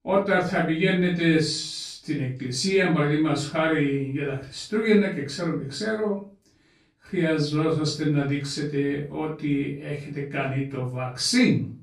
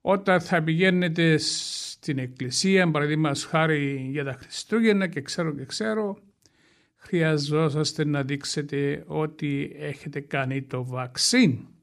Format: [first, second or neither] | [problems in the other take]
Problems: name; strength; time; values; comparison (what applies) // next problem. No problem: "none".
second | off-mic speech; far // room echo; noticeable; dies away in 0.3 s